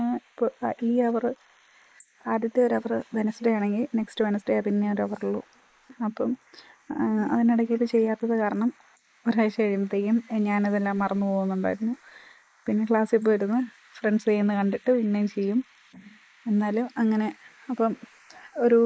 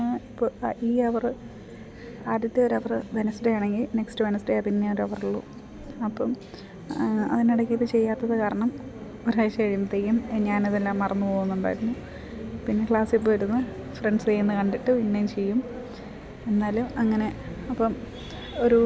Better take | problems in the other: second | noise reduction (neural mask model Resemble Enhance denoiser)

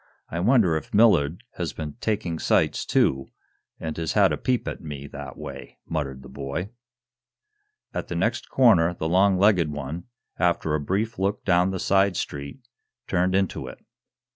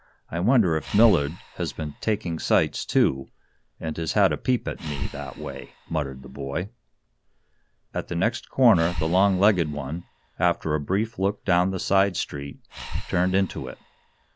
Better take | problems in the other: first | background sound (Breathing); 12 dB below the speech

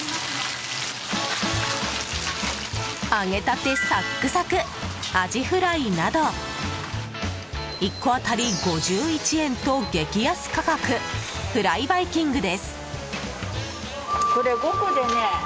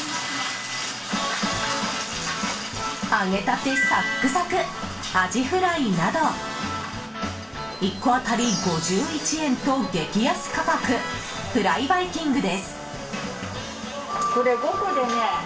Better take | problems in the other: first | room echo; dies away in 0.3 s

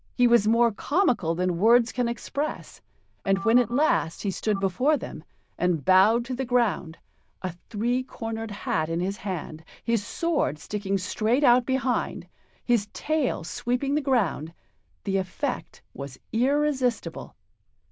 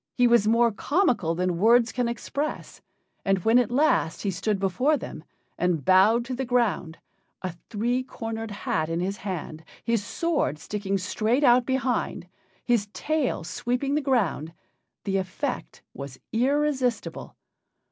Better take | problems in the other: second | noise reduction (neural diffusion model UNIVERSE++)

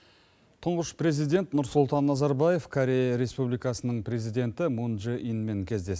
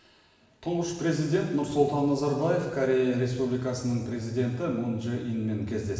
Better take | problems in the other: first | room echo; dies away in 1.2 s

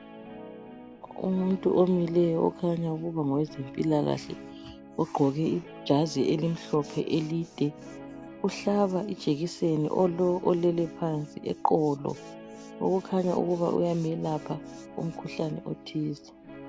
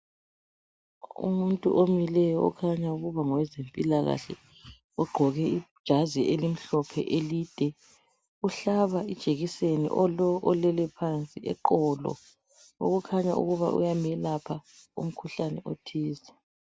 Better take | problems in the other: second | background sound (Guitar); 16 dB below the speech

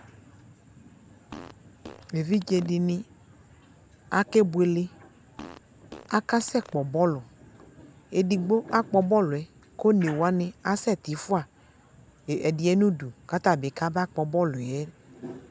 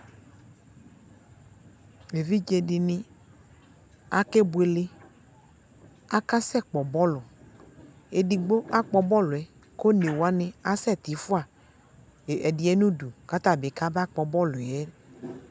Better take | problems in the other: second | background sound (Fart); 20 dB below the speech

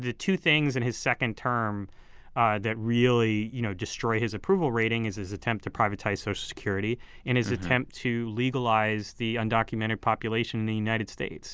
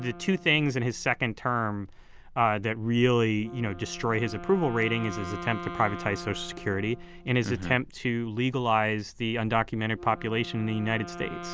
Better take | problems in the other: first | background sound (Wind instrument, woodwind instrument); 15 dB below the speech

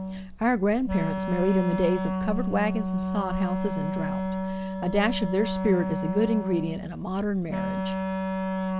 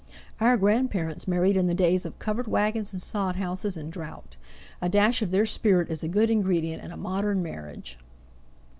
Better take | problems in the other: second | background sound (Wind instrument, woodwind instrument); 2 dB below the speech

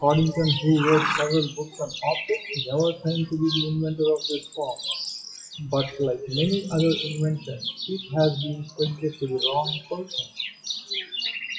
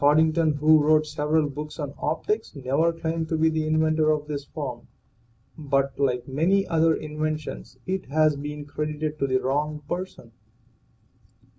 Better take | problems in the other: second | noise reduction (classical method WPE with log-MMSE)

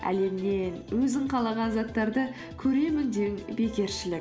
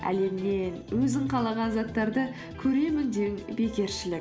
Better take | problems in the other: first | background sound (Electric guitar); 16 dB below the speech

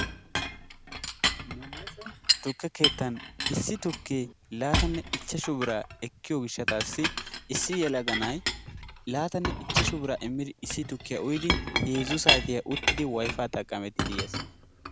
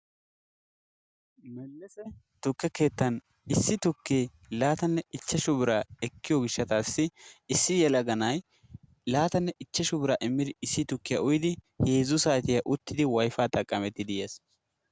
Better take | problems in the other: second | background sound (Chink, clink); 1 dB above the speech

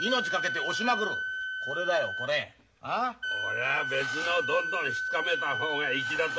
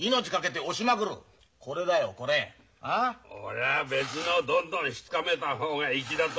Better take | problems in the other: second | background sound (Wind instrument, woodwind instrument); 1 dB below the speech

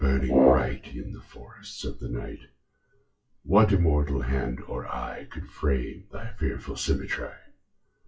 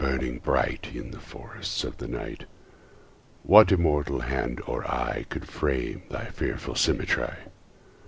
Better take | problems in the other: second | noise reduction (classical method WPE with log-MMSE)

